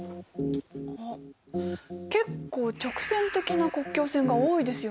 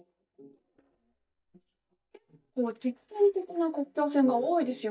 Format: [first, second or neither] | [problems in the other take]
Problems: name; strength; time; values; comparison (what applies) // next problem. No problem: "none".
first | noise reduction (neural mask model DeepFilterNet 3)